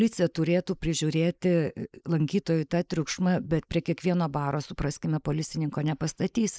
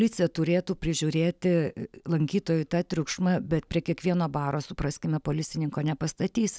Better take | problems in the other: second | noise reduction (neural mask model Resemble Enhance denoiser)

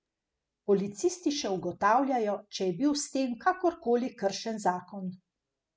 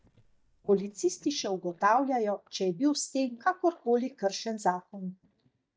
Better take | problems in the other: first | noise reduction (neural mask model DeepFilterNet 3)

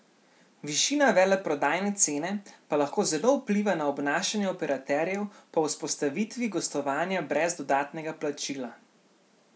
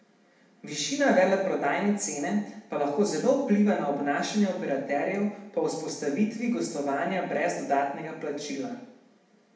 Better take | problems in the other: first | room echo; dies away in 0.8 s

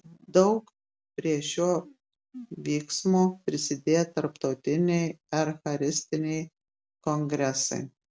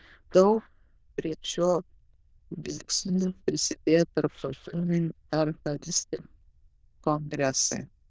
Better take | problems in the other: first | noise reduction (neural diffusion model UNIVERSE++)

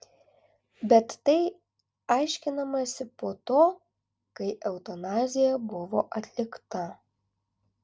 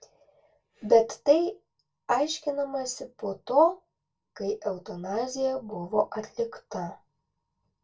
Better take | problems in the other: first | room echo; dies away in 0.1 s

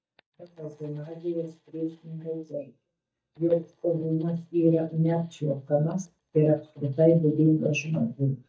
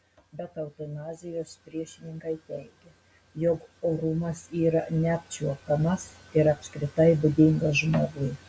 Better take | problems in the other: second | noise reduction (neural mask model DeepFilterNet 3)

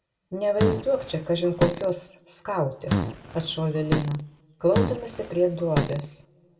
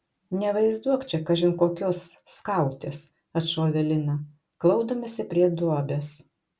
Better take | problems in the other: second | background sound (Fart); 3 dB below the speech // room echo; dies away in 0.6 s

